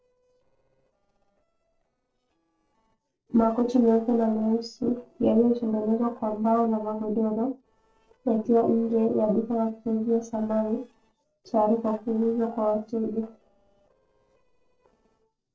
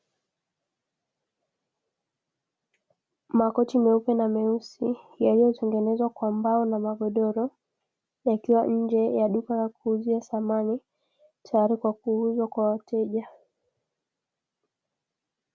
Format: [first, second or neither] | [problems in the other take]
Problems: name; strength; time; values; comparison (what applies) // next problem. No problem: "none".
second | noise reduction (neural separator model SepFormer DNS4)